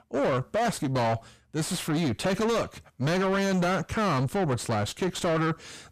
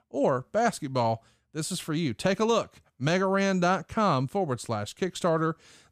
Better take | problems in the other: second | distortion; heavy; 6 dB below the speech

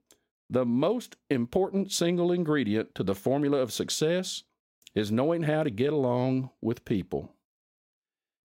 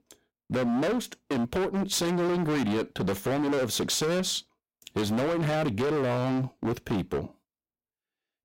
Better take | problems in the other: first | distortion; heavy; 29% of the sound clipped

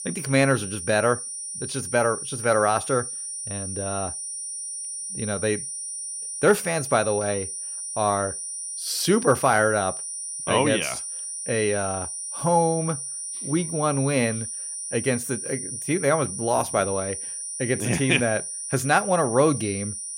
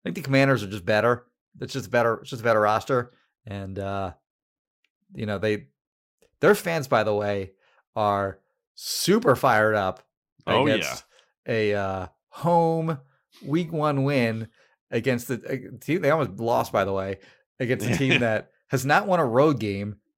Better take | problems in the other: second | high-pitched whine; loud; throughout; 9.5 kHz, 6 dB below the speech

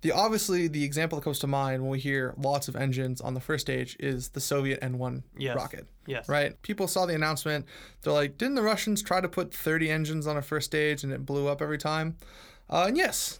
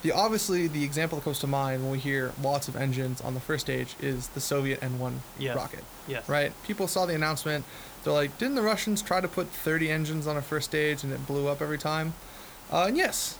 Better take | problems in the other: first | hiss; noticeable; throughout; 15 dB below the speech

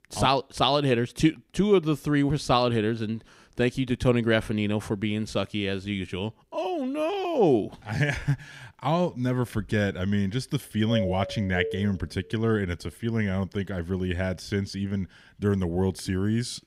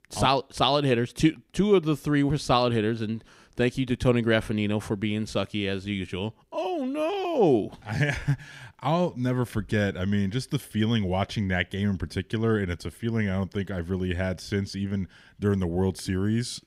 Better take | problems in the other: second | doorbell; noticeable; from 11 to 12 s; peak 4 dB below the speech

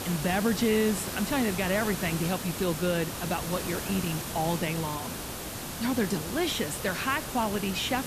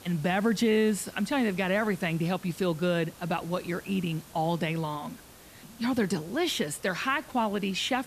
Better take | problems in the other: second | hiss; loud; throughout; 5 dB below the speech; faint in the second

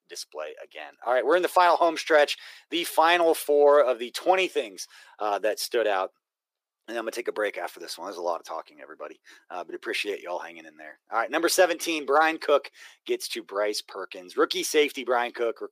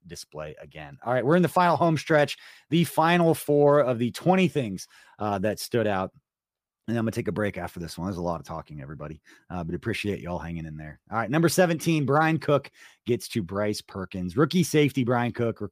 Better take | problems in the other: second | thin; very; fading below 350 Hz

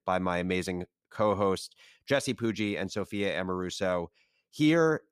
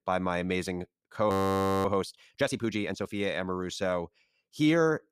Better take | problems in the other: first | audio freezing; at 1.5 s for 0.5 s

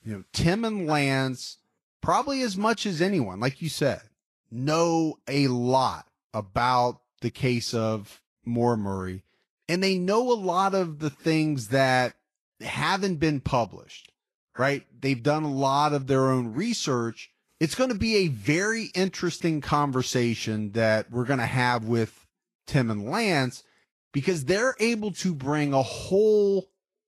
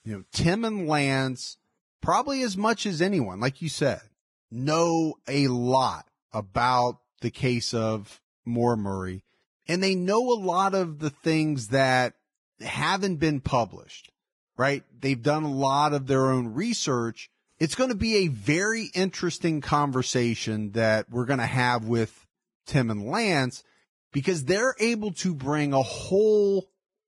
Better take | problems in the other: first | garbled, watery; badly; nothing above 10.5 kHz; slightly in the first

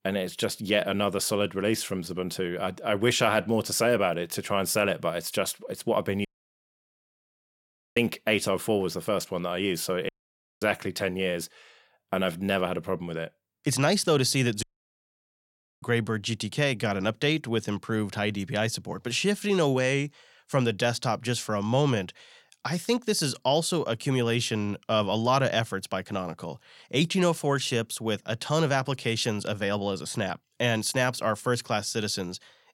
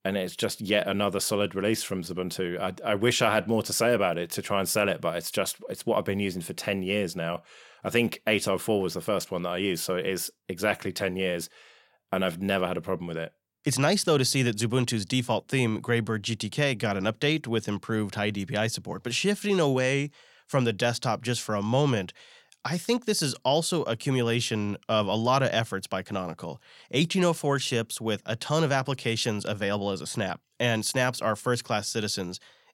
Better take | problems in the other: second | audio cutting out; at 6.5 s for 1.5 s, at 10 s for 0.5 s and at 15 s for 1 s

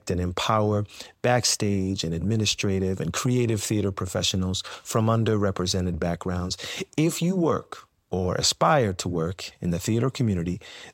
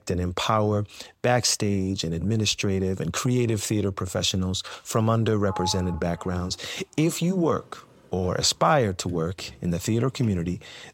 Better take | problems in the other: first | door banging; noticeable; from 5.5 s on; peak 8 dB below the speech

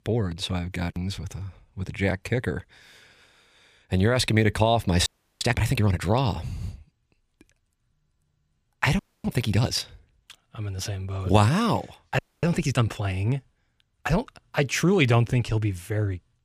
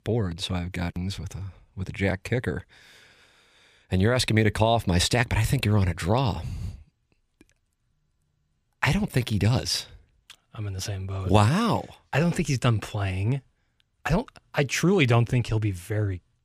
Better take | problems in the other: second | audio freezing; at 5 s, at 9 s and at 12 s

